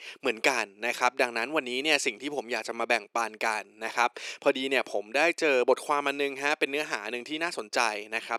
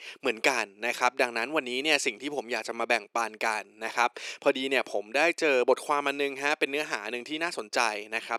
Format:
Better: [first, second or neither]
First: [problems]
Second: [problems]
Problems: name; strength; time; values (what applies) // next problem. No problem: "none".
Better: neither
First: thin; somewhat; fading below 350 Hz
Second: thin; somewhat; fading below 350 Hz